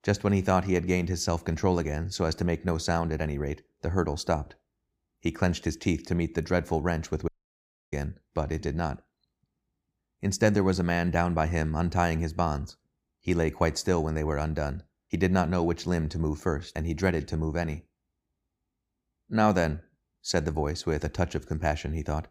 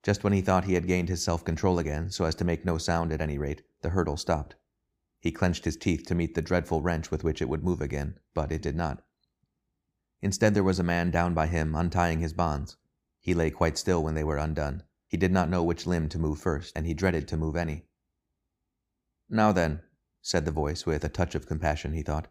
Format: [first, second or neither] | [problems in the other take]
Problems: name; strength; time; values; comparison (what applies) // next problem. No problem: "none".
second | audio cutting out; at 7.5 s for 0.5 s